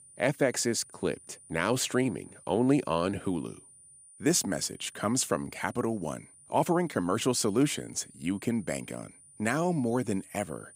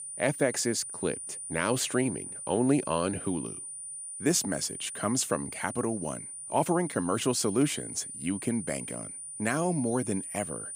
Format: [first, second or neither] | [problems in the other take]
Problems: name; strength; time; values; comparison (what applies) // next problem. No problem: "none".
first | high-pitched whine; loud; throughout; 9.5 kHz, 8 dB below the speech; faint in the first